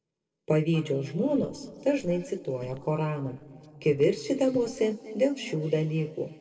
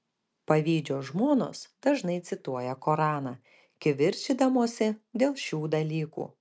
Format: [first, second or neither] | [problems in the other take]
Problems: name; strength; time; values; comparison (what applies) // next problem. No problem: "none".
second | noise reduction (neural separator model SepFormer DNS4)